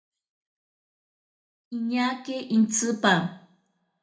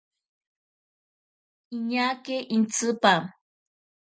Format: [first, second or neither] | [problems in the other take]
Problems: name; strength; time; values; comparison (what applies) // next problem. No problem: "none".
second | room echo; dies away in 0.4 s